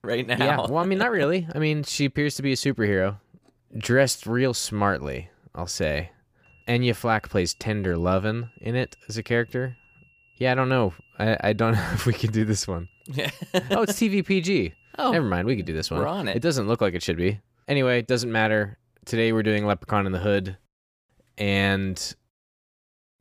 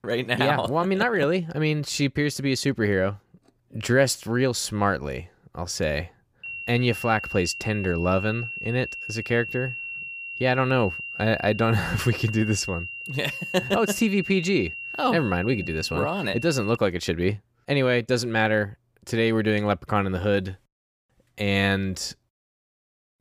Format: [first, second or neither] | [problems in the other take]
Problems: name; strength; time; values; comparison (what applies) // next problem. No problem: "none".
first | high-pitched whine; loud; from 6.5 to 17 s; 2.5 kHz, 8 dB below the speech; faint in the first